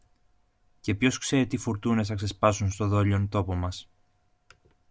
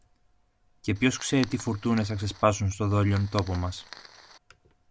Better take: first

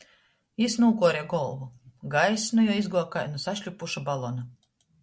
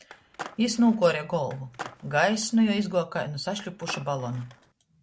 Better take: first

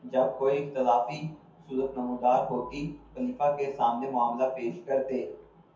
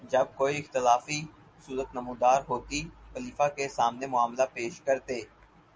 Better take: second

